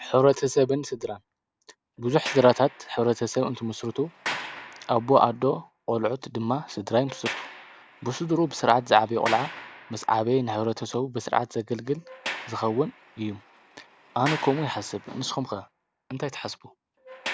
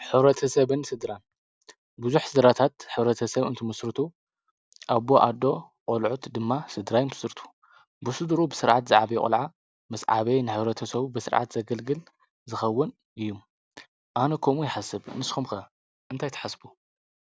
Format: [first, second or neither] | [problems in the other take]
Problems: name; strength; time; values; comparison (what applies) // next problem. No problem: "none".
second | background sound (Sliding door); 14 dB below the speech